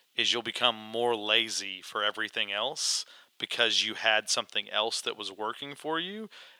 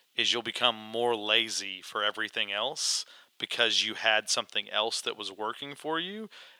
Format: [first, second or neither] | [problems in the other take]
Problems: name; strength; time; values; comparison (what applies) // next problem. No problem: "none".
neither | thin; very; fading below 750 Hz; the same in both